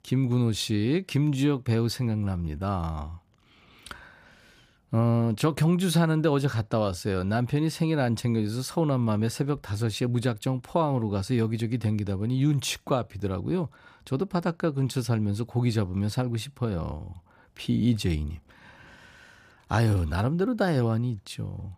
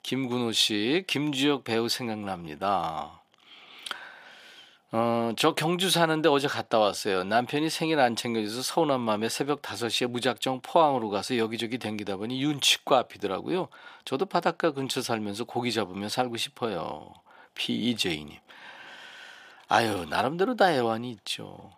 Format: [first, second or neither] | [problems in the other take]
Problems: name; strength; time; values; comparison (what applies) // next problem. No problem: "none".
first | thin; somewhat; fading below 350 Hz